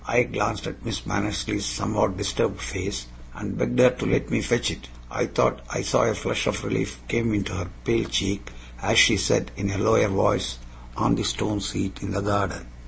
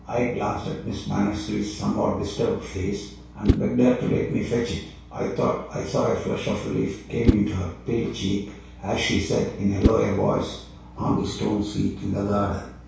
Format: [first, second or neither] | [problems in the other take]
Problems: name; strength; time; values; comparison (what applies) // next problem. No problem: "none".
first | background sound (Whoosh, swoosh, swish); 5 dB below the speech // room echo; dies away in 0.6 s